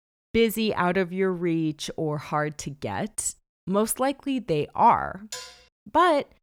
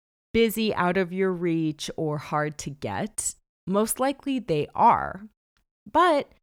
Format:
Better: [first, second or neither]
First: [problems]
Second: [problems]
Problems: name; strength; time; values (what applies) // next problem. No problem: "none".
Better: second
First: clattering dishes; faint; at 5.5 s; peak 10 dB below the speech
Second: none